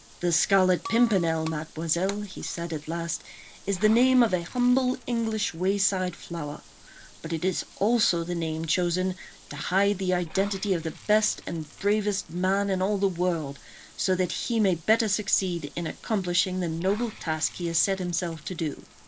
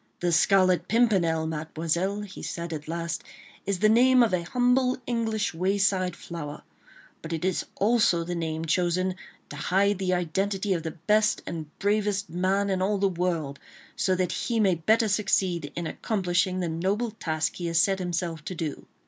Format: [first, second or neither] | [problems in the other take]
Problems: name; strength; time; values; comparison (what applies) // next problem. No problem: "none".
second | background sound (Shatter + Bathtub (filling or washing) / Water); 20 dB below the speech